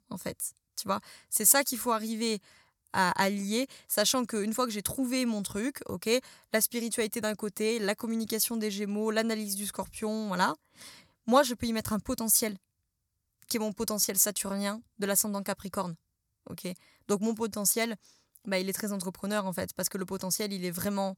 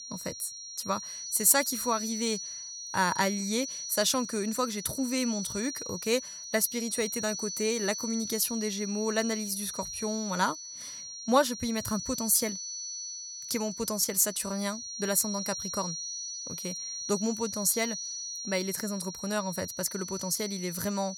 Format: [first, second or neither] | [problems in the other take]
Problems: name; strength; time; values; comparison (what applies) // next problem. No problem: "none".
first | high-pitched whine; loud; throughout; 5.5 kHz, 6 dB below the speech